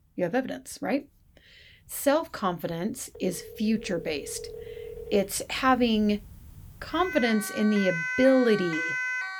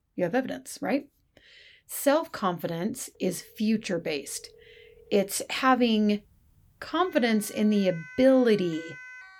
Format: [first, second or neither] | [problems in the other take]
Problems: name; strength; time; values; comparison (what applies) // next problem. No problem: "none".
second | alarms or sirens; loud; throughout; 7 dB below the speech; faint in the second